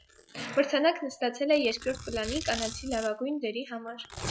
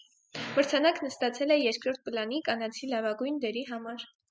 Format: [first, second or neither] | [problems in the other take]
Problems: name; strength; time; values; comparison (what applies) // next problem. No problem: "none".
second | noise reduction (classical method log-MMSE)